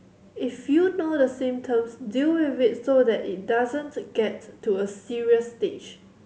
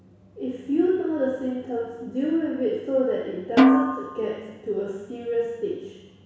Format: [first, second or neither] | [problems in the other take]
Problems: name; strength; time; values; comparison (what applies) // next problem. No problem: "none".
first | background sound (Snare drum); 5 dB above the speech // room echo; dies away in 1.1 s